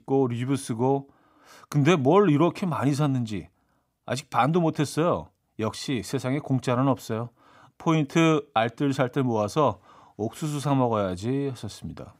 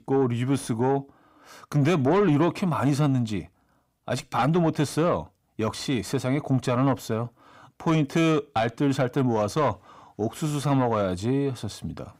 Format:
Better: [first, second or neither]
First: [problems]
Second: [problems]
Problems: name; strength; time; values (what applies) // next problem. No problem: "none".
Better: first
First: none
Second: distortion; slight; 10 dB below the speech